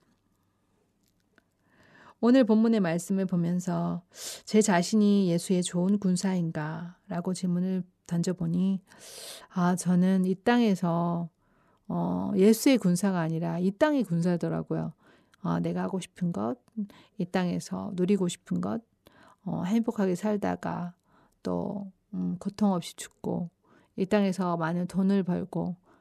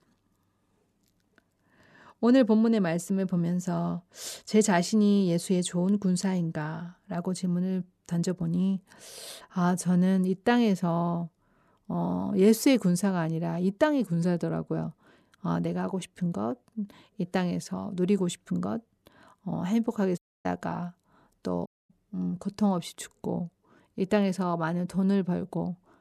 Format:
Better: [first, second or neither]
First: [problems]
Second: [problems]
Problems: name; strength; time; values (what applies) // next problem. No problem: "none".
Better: first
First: none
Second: audio cutting out; at 20 s and at 22 s